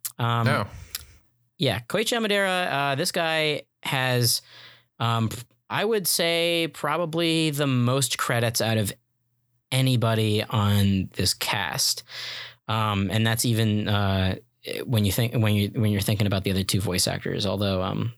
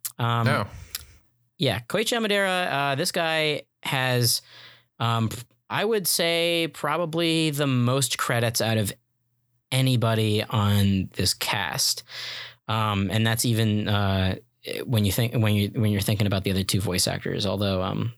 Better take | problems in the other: neither | none

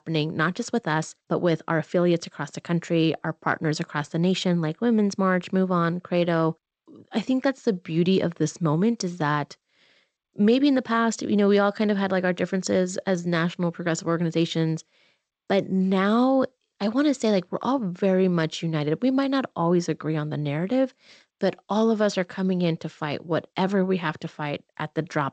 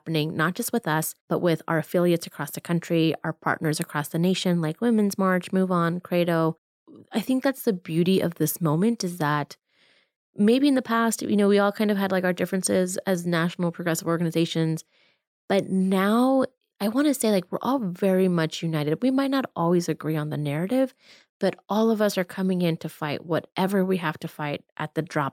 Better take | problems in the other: second | garbled, watery; slightly; nothing above 8 kHz

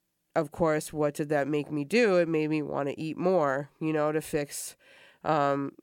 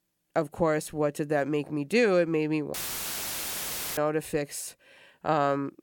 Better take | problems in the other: first | audio cutting out; filled with static; at 2.5 s for 1 s

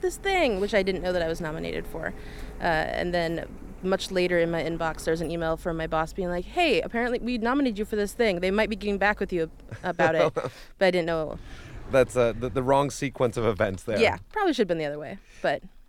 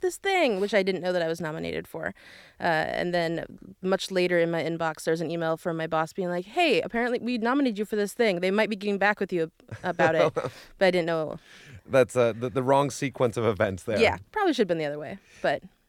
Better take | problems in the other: second | household noises; noticeable; throughout; 20 dB below the speech

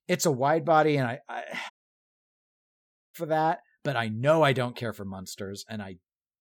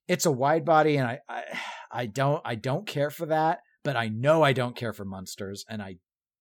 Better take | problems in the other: second | audio cutting out; at 1.5 s for 1.5 s

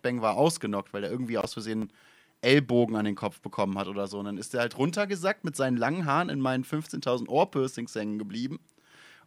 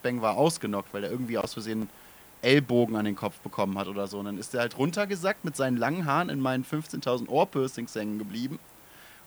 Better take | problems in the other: first | hiss; faint; throughout; 20 dB below the speech

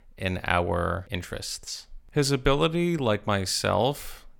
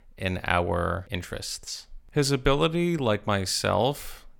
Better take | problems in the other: neither | none

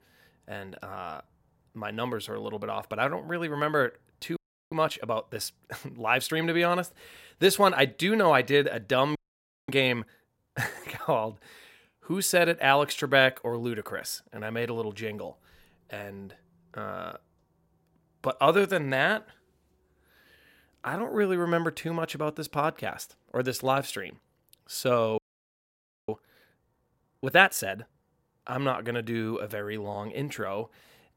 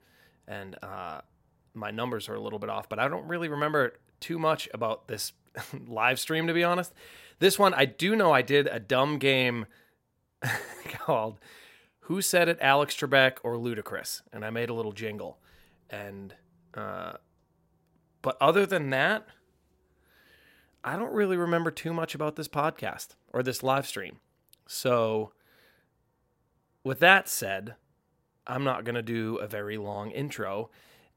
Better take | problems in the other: second | audio freezing; at 4.5 s, at 9 s for 0.5 s and at 25 s for 1 s

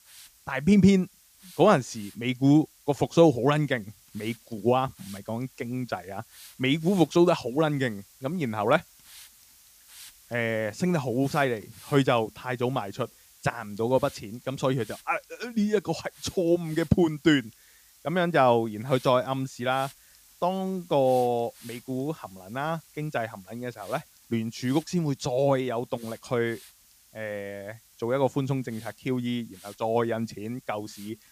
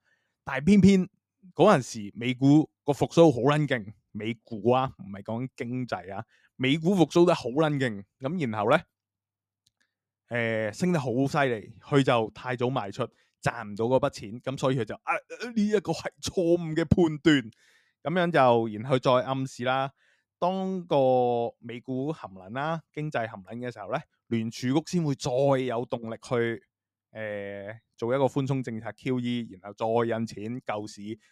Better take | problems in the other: second | hiss; faint; throughout; 25 dB below the speech

